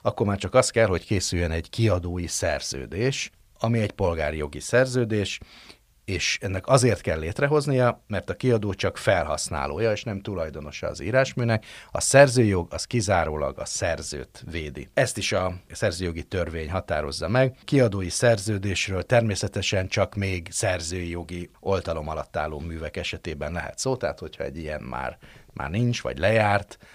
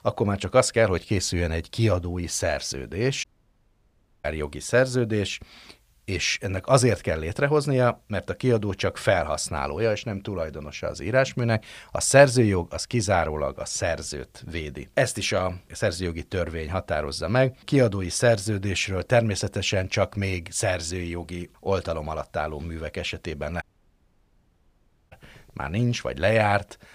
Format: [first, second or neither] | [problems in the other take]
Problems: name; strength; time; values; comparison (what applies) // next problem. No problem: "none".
first | audio cutting out; at 3 s for 1 s and at 24 s for 1.5 s